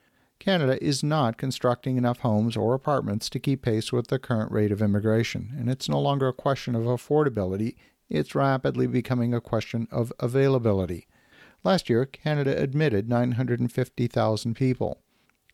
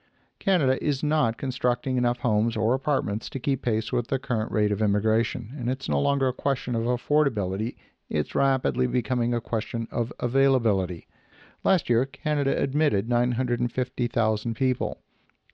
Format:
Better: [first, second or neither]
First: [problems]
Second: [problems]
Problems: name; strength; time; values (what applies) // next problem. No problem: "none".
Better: first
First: none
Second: muffled; very slightly; fading above 4 kHz